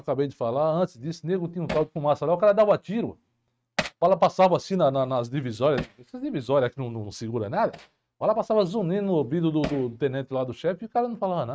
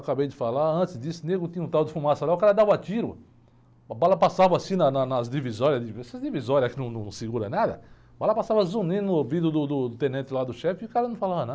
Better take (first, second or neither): second